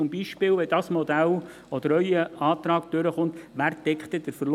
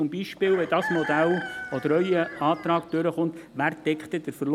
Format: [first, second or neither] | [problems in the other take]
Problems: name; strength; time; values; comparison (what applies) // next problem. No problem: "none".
first | background sound (Chicken, rooster); 10 dB below the speech